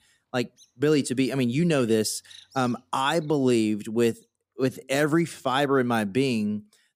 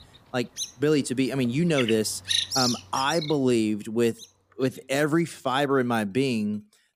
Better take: first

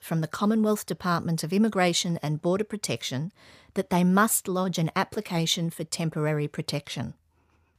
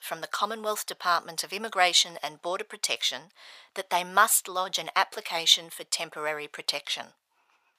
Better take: first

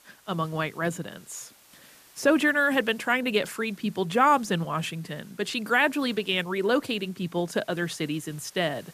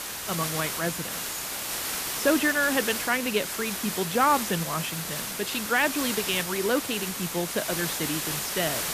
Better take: first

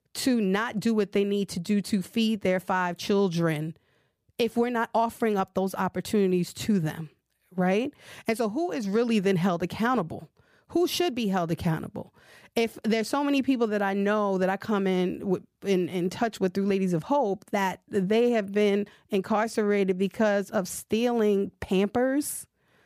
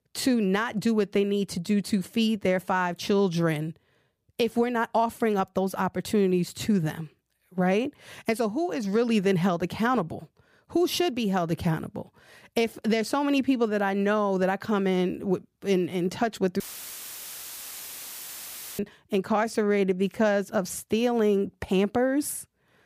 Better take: first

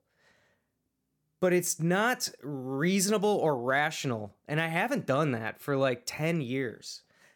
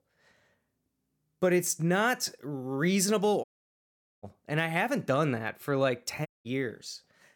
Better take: first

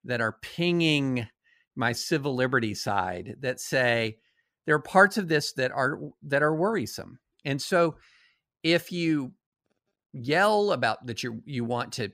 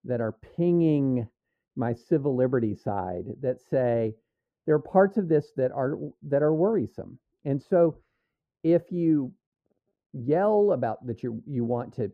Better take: first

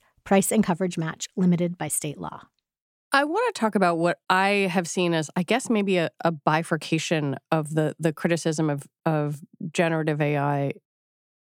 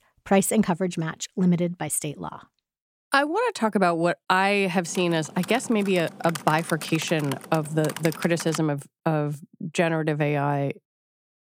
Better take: first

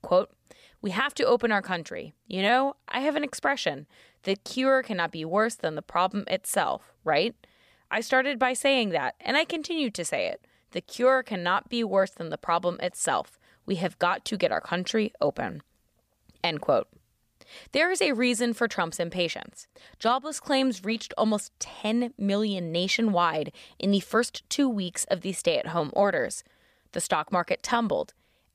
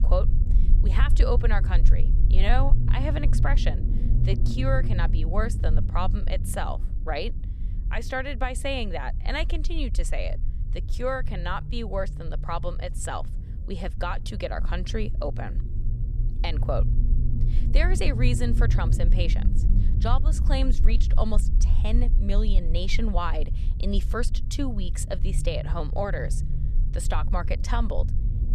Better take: first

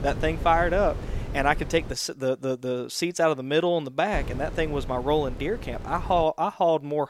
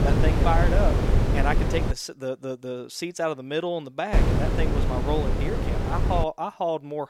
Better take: first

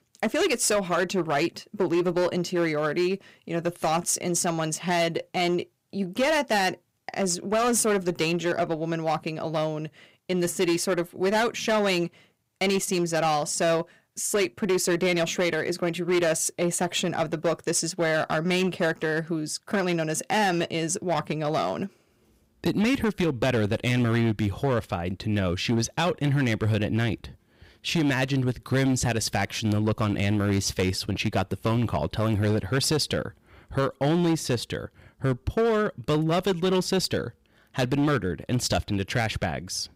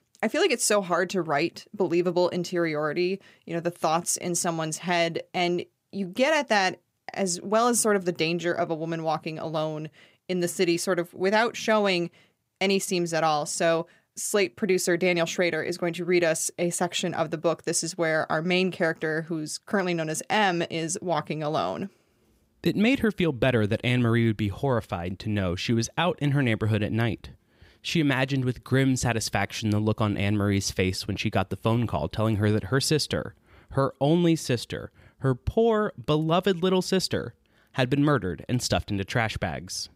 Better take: second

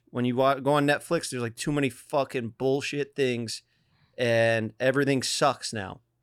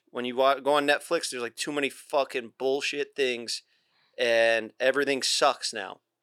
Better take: first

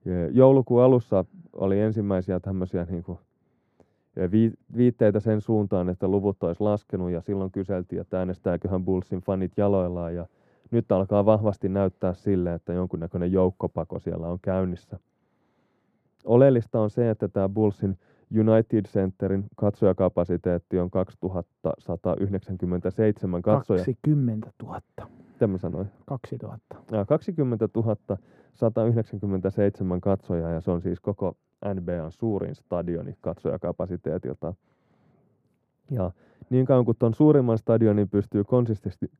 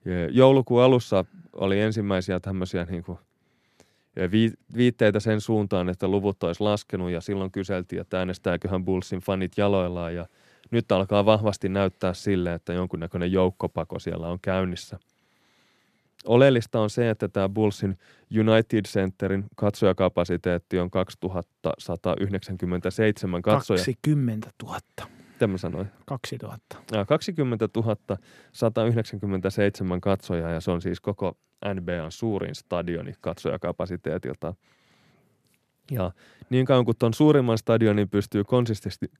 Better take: second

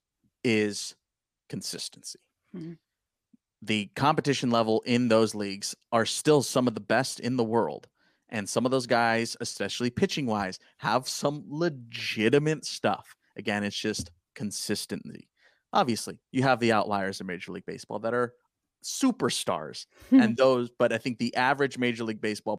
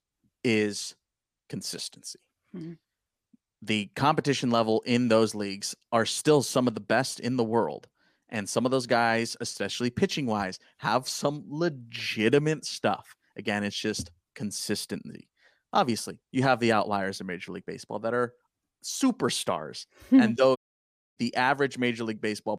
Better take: first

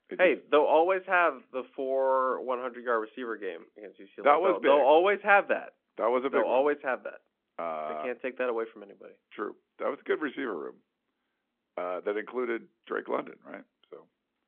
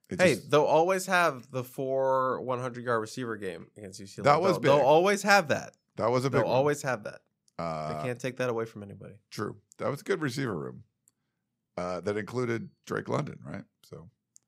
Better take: second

